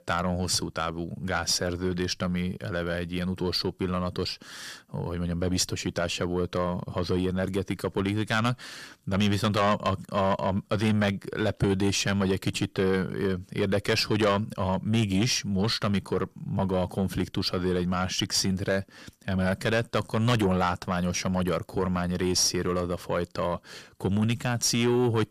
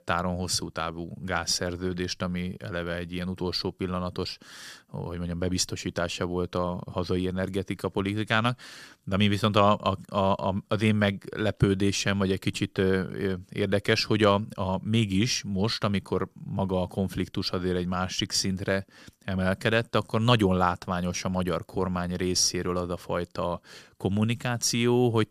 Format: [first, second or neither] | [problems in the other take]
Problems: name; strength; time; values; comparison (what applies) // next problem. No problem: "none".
second | distortion; slight; 10 dB below the speech